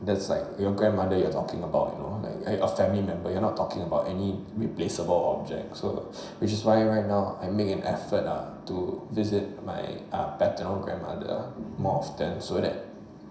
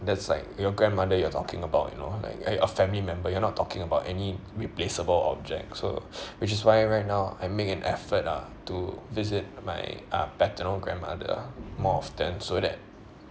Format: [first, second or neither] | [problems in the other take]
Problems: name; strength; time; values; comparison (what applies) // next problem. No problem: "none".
second | room echo; dies away in 0.7 s